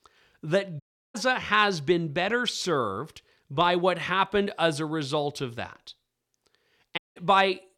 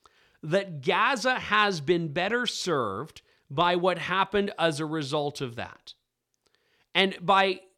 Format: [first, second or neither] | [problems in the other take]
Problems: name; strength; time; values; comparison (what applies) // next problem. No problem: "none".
second | audio cutting out; at 1 s and at 7 s